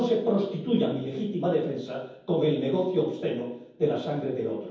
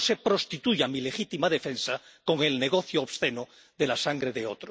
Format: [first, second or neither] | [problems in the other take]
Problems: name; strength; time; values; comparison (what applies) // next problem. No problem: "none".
second | room echo; dies away in 0.9 s